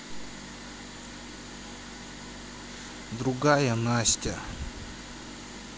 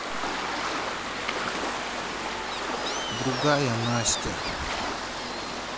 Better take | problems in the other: first | background sound (Waves, surf); 1 dB above the speech

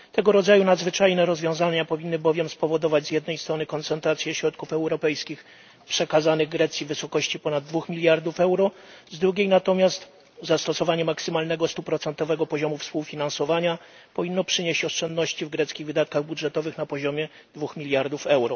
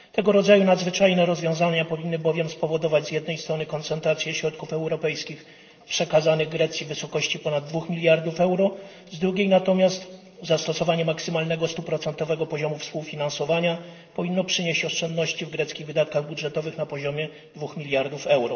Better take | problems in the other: first | room echo; dies away in 2.6 s

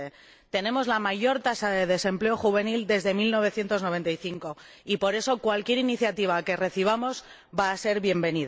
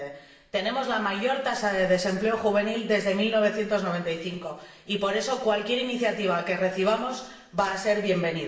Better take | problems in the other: first | room echo; dies away in 0.8 s

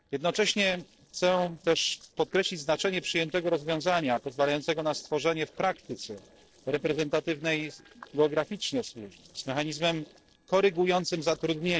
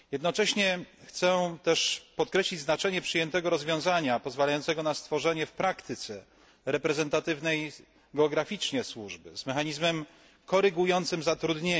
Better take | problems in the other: second | noise reduction (neural separator model SepFormer DNS4)

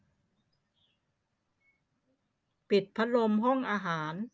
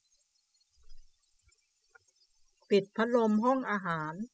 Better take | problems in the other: first | noise reduction (classical method spectral subtraction)

